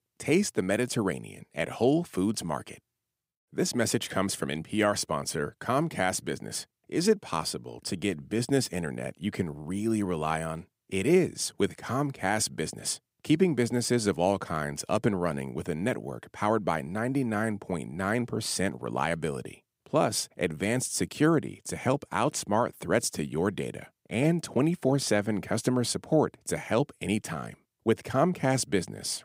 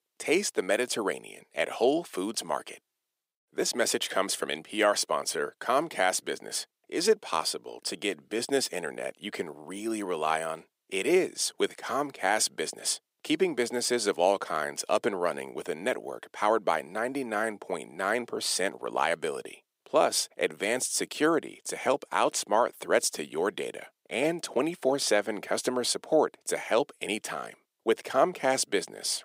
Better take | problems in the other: first | thin; somewhat; fading below 450 Hz

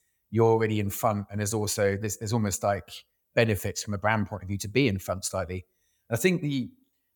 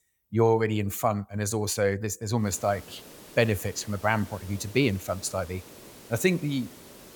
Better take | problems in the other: first | hiss; noticeable; from 2.5 s on; 20 dB below the speech

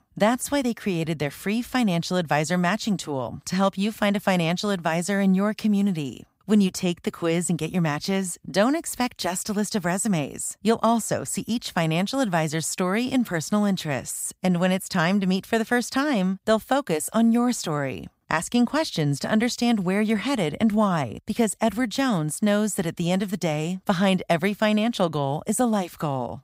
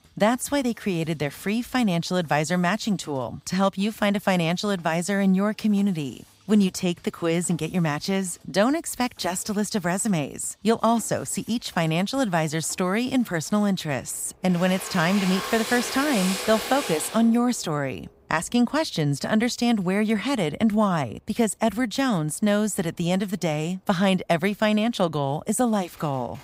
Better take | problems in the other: first | machinery noise; loud; throughout; 8 dB below the speech

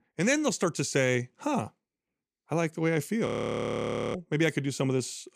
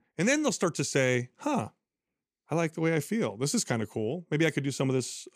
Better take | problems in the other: second | audio freezing; at 3.5 s for 1 s

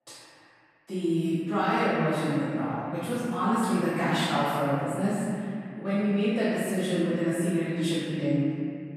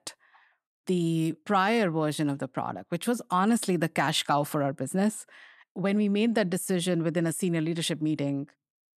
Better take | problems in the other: second | room echo; strong; dies away in 2.5 s // off-mic speech; far

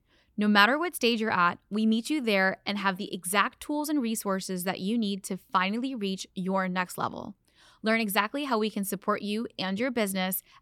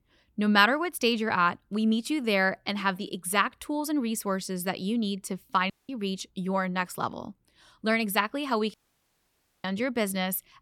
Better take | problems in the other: first | audio cutting out; at 5.5 s and at 8.5 s for 1 s

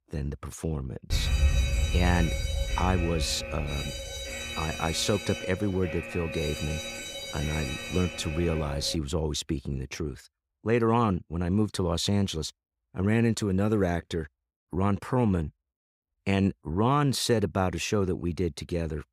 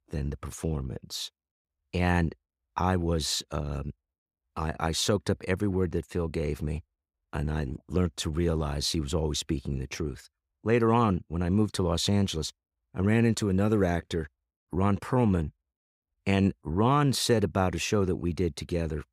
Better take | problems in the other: second | alarm; loud; from 1 to 9 s; peak 3 dB above the speech

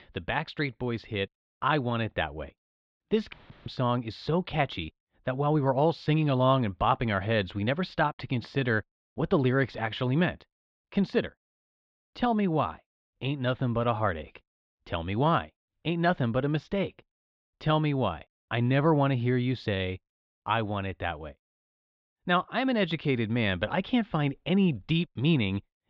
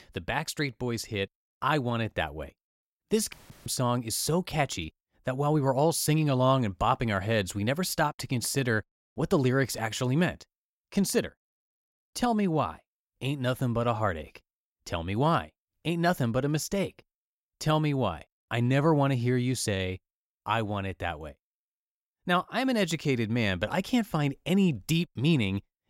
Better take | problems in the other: second | muffled; slightly; fading above 3.5 kHz

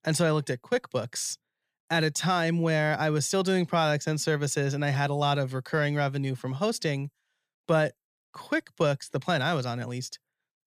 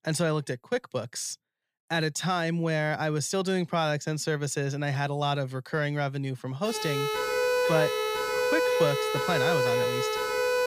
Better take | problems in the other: first | siren; loud; from 6.5 s on; peak 5 dB above the speech

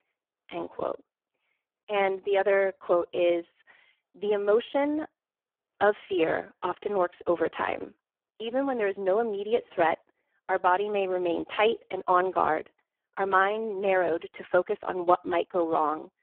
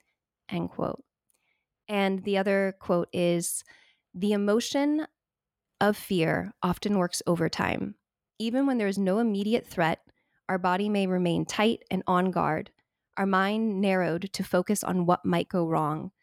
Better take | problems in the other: second | phone-call audio; poor line

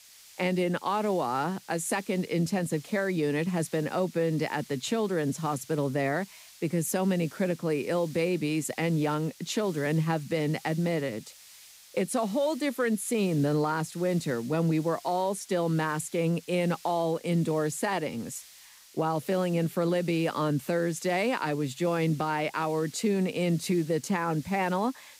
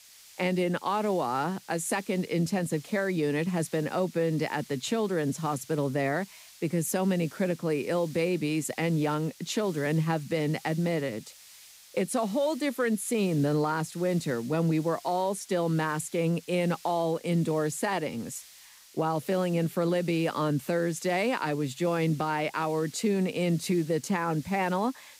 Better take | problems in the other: neither | hiss; faint; throughout; 20 dB below the speech; the same in both

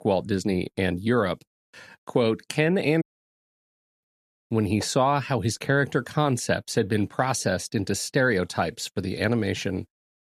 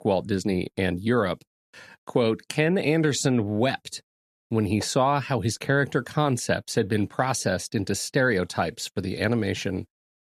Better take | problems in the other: second | audio cutting out; at 3 s for 1 s

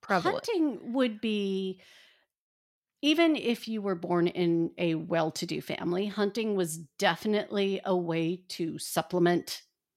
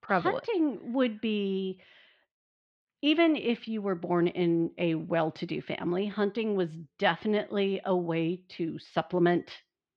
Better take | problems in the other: first | muffled; slightly; fading above 3.5 kHz

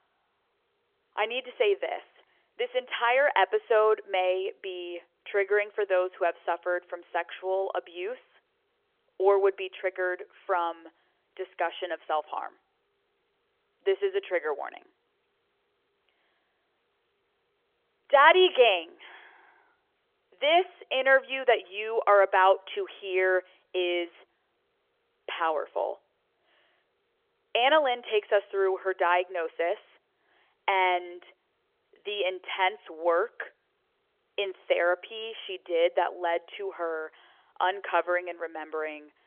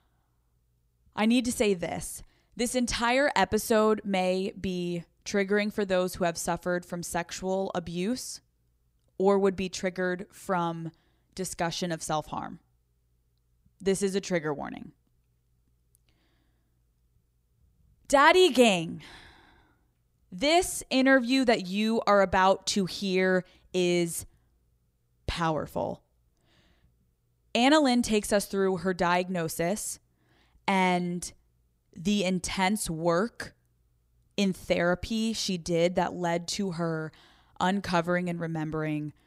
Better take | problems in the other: second | phone-call audio; nothing above 3.5 kHz

